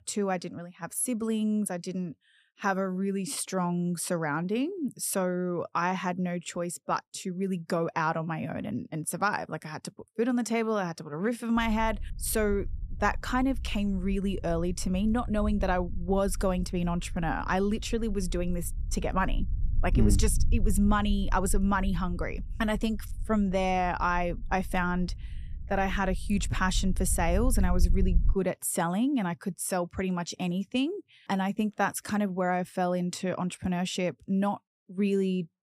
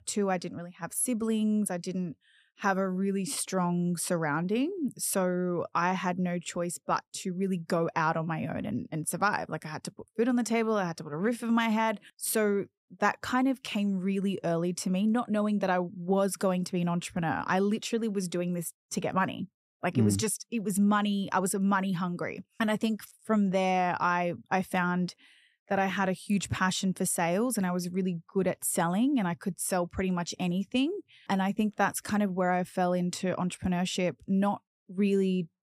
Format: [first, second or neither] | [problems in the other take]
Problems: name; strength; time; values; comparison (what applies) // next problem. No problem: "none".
second | low rumble; faint; from 12 to 28 s; 25 dB below the speech